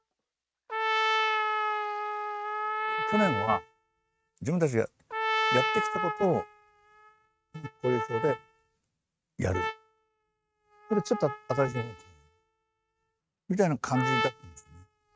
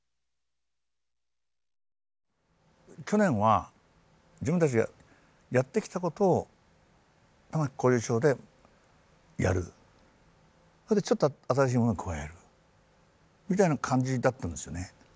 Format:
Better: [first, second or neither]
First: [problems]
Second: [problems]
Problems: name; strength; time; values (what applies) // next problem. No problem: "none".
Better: second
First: noise reduction (neural mask model RNNoise)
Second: none